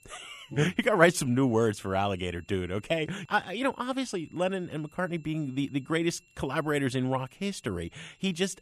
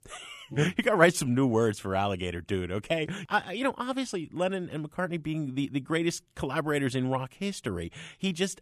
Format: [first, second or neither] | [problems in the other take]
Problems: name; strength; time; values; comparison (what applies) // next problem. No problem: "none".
second | high-pitched whine; faint; throughout; 2.5 kHz, 30 dB below the speech